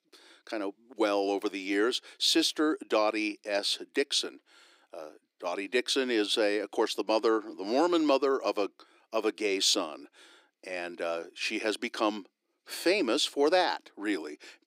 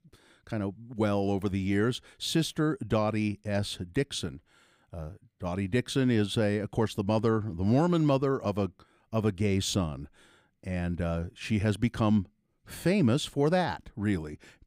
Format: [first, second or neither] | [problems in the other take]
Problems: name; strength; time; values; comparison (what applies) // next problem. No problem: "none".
second | thin; somewhat; fading below 300 Hz